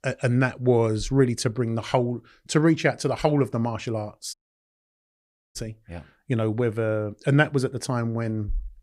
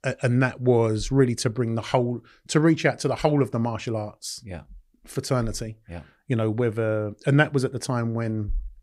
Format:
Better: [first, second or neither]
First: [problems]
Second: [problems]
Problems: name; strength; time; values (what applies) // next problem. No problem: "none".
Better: second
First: audio cutting out; at 4.5 s for 1 s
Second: none